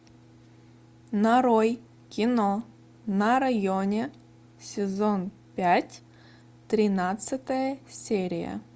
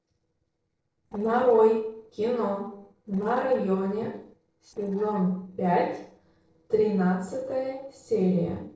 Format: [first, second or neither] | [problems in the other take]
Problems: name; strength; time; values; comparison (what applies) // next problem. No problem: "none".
first | noise reduction (neural separator model SepFormer DNS4)